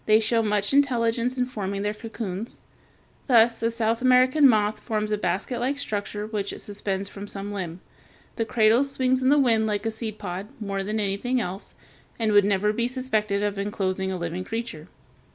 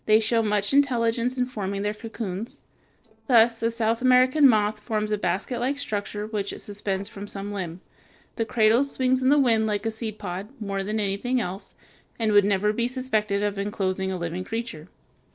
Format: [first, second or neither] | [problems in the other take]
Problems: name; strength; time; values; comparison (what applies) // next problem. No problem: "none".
first | noise reduction (neural separator model SepFormer DNS4)